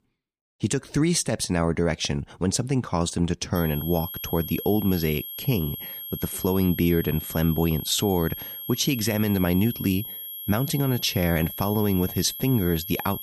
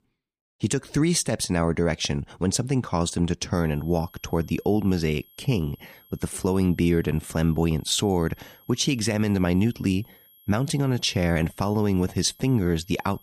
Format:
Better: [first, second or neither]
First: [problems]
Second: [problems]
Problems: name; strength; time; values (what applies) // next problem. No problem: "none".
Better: second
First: high-pitched whine; loud; from 3.5 s on; 11.5 kHz, 9 dB below the speech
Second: high-pitched whine; faint; from 3.5 s on; 11.5 kHz, 30 dB below the speech